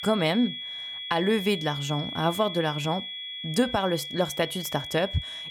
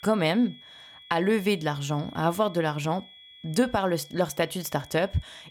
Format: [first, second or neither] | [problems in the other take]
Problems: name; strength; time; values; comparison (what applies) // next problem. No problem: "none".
second | high-pitched whine; loud; throughout; 3.5 kHz, 7 dB below the speech; faint in the second